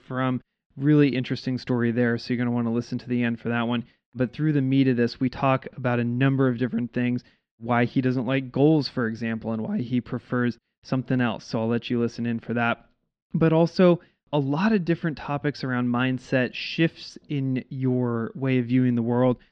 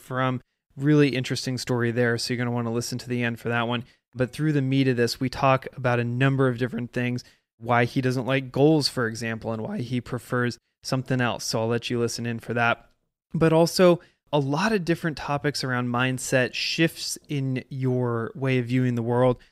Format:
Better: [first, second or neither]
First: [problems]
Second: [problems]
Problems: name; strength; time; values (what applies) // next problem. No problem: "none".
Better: second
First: muffled; very slightly; fading above 4 kHz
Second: none